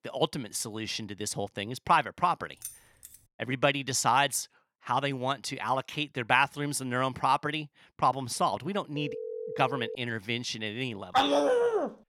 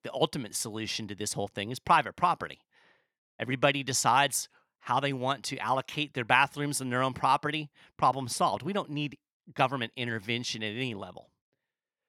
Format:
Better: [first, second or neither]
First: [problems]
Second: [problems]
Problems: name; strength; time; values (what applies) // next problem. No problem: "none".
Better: second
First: jangling keys; faint; at 2.5 s; peak 15 dB below the speech // phone ringing; noticeable; from 9 to 10 s; peak 8 dB below the speech // dog barking; loud; at 11 s; peak 5 dB above the speech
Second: none